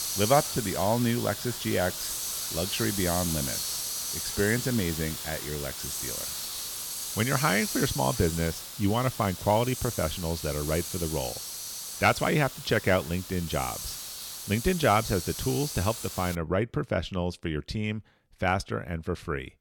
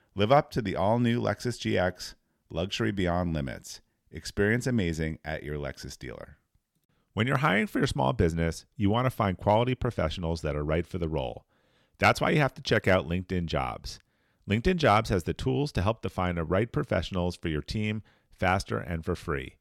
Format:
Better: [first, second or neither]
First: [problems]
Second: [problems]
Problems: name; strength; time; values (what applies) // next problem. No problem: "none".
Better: second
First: hiss; loud; until 16 s; 4 dB below the speech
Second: none